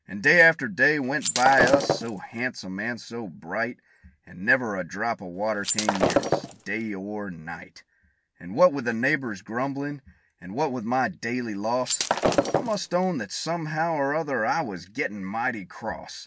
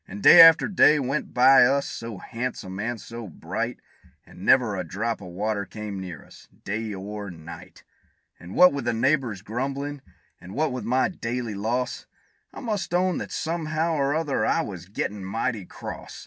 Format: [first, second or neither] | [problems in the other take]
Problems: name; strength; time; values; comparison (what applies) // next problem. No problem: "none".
second | background sound (Shatter); as loud as the speech